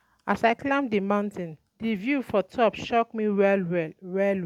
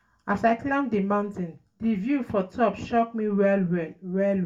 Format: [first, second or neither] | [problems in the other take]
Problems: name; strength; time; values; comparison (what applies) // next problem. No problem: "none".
first | room echo; dies away in 0.2 s